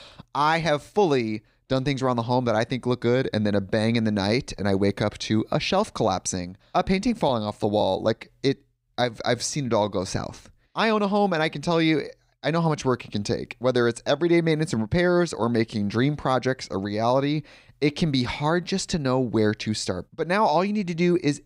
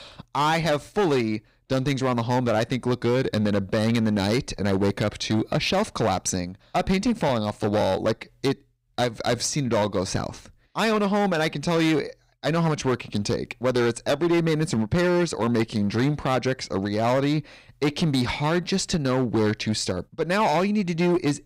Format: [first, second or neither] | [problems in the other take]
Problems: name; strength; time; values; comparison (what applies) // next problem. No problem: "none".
first | distortion; slight; 11% of the sound clipped